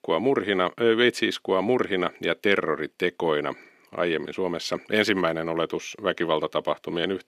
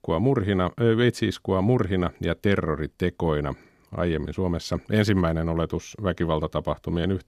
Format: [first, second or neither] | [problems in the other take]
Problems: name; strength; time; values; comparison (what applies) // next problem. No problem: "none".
second | thin; somewhat; fading below 350 Hz